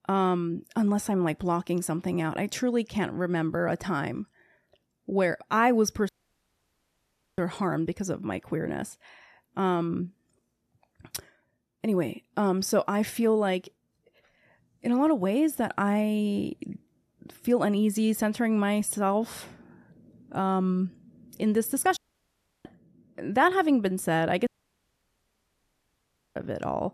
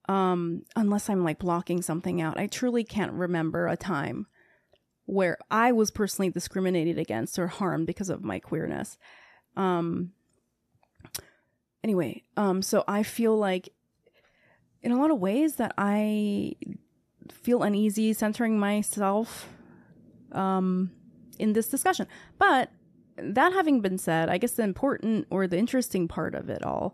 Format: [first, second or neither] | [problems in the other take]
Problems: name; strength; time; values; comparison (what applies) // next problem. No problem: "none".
second | audio cutting out; at 6 s for 1.5 s, at 22 s for 0.5 s and at 24 s for 2 s